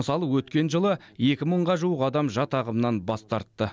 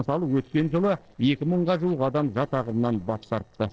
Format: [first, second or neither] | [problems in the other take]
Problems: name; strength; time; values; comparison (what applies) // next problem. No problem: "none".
first | noise reduction (neural separator model SepFormer DNS4)